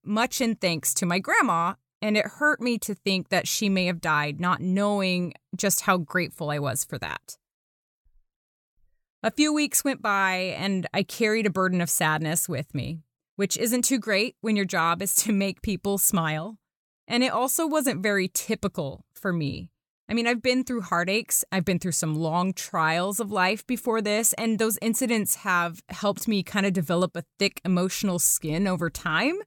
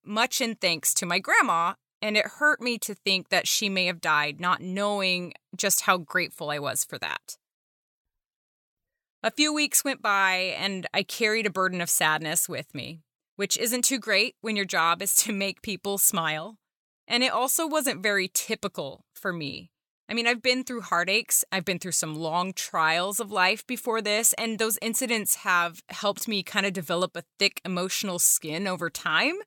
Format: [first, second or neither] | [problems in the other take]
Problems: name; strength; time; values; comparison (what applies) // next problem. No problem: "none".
first | thin; very slightly; fading below 450 Hz